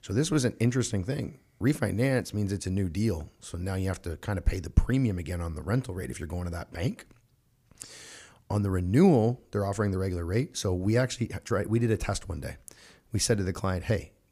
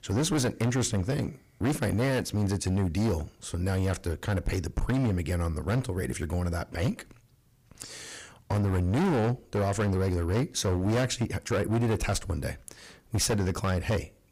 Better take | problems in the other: first | distortion; heavy; 16% of the sound clipped

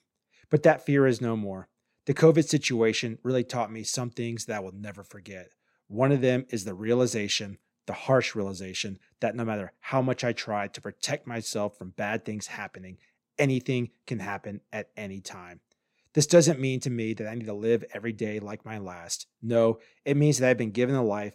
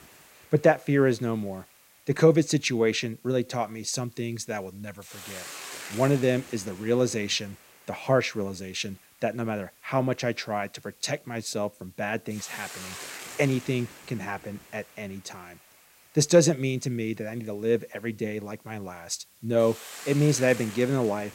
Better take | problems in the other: first | hiss; noticeable; throughout; 15 dB below the speech

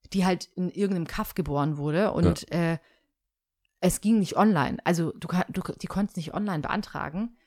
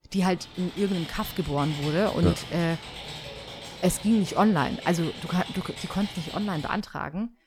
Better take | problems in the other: first | keyboard typing; noticeable; until 7 s; peak 8 dB below the speech

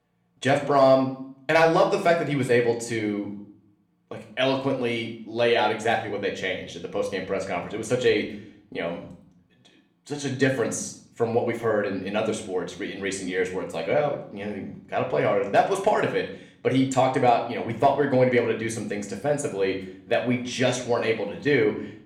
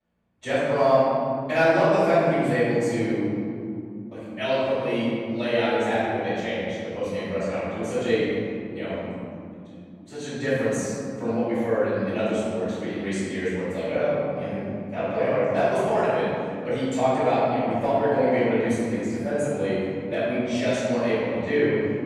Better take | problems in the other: first | room echo; strong; dies away in 3 s; slight in the first // off-mic speech; far; somewhat distant in the first

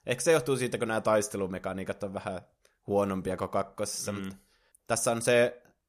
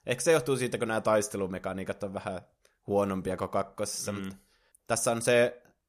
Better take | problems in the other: neither | none

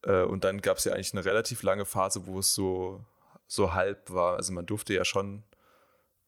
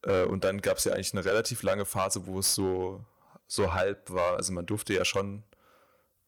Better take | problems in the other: first | distortion; slight; 5% of the sound clipped

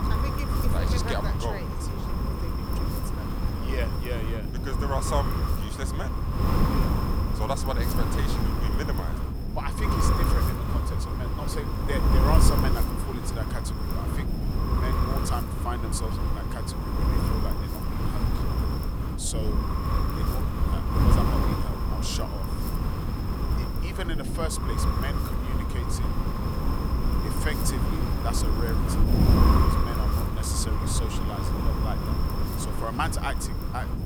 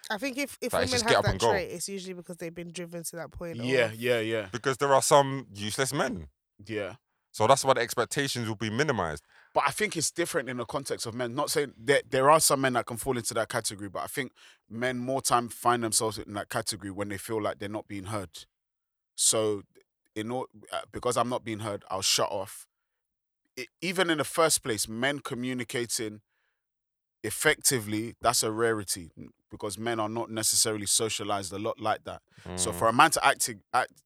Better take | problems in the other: second | wind noise on the microphone; heavy; 2 dB above the speech

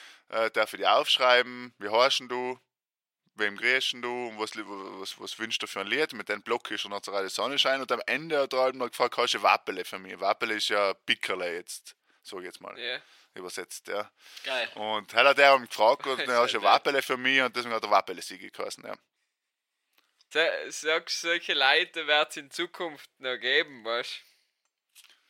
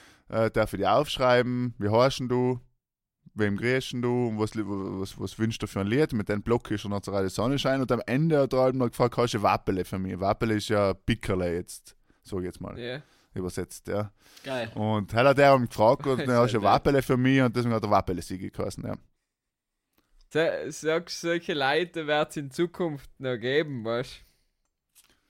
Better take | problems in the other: second | thin; very; fading below 550 Hz

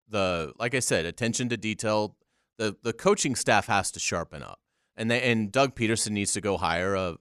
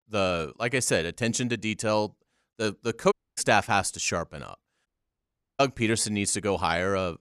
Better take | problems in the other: first | audio cutting out; at 3 s and at 5 s for 0.5 s

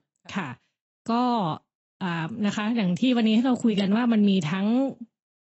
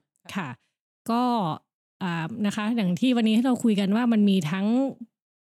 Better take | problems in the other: second | garbled, watery; badly; nothing above 8 kHz

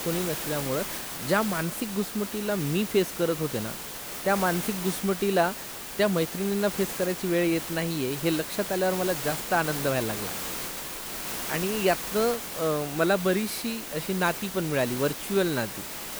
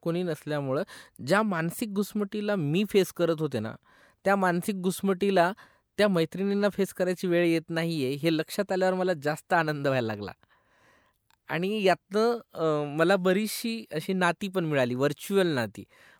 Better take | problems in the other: second | hiss; loud; throughout; 5 dB below the speech

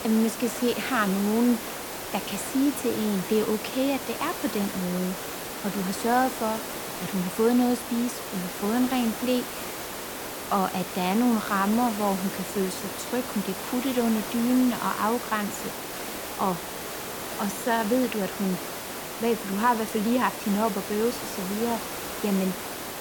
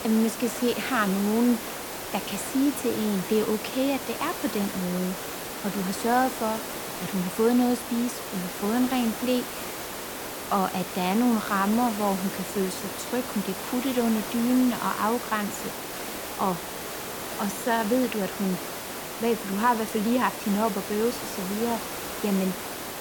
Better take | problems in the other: neither | hiss; loud; throughout; 6 dB below the speech; the same in both

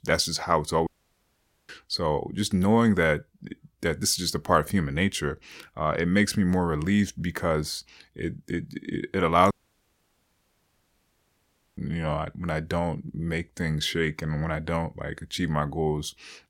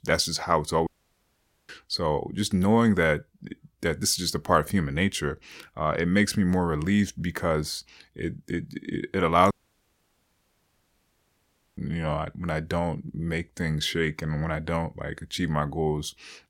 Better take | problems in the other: neither | audio cutting out; at 1 s for 1 s and at 9.5 s for 2.5 s; the same in both

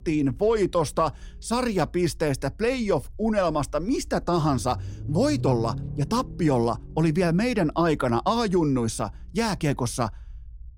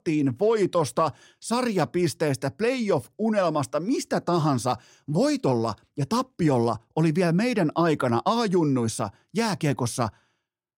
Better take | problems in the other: second | low rumble; faint; throughout; 20 dB below the speech

